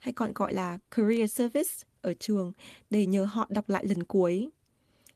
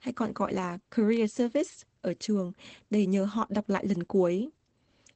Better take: first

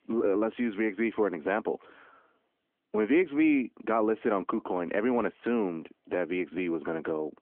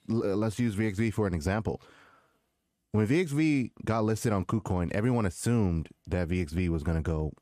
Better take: second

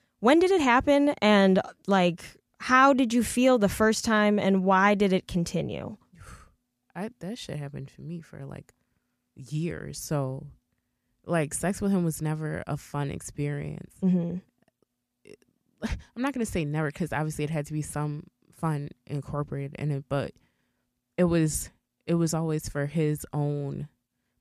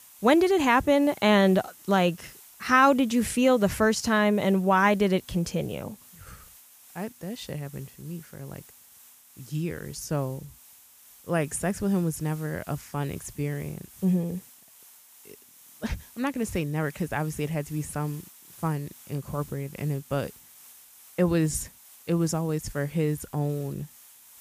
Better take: first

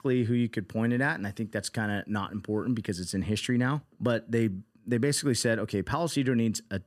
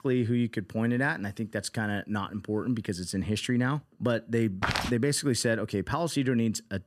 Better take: first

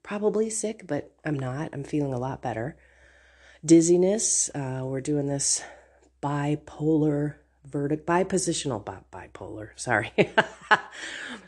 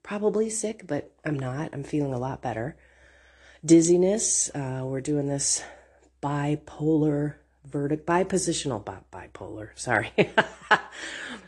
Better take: first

